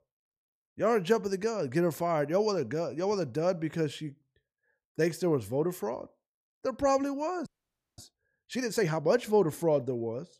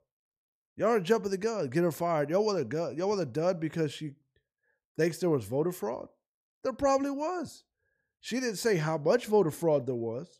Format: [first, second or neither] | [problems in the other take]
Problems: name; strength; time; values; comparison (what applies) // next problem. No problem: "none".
second | audio freezing; at 7.5 s for 0.5 s